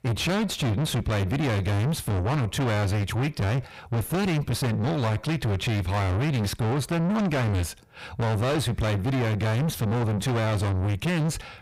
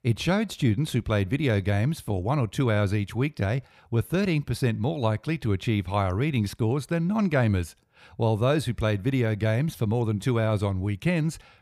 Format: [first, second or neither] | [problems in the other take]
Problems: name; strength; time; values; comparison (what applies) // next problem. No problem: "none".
second | distortion; heavy; 5 dB below the speech